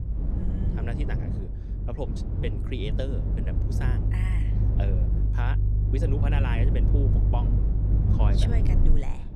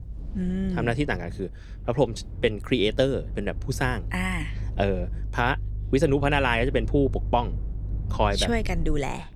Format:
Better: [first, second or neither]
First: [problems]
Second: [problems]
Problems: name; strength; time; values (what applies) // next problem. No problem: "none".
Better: second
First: low rumble; loud; throughout; 2 dB below the speech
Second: low rumble; faint; throughout; 20 dB below the speech